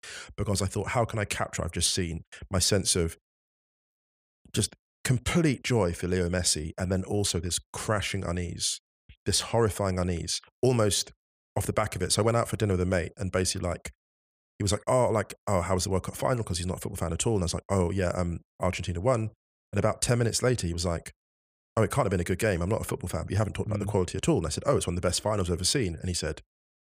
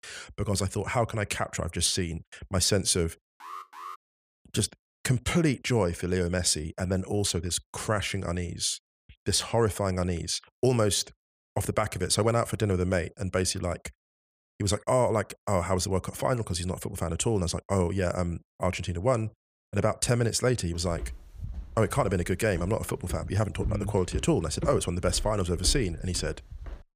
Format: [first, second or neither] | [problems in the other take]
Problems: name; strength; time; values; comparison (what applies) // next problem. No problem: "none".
first | alarm; faint; at 3.5 s; peak 15 dB below the speech // footsteps; noticeable; from 21 s on; peak 8 dB below the speech